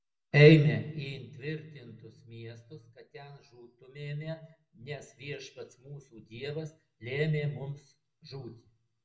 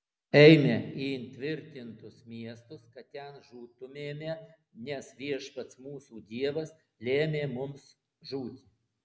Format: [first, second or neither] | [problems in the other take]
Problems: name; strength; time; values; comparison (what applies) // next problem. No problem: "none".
second | room echo; dies away in 0.2 s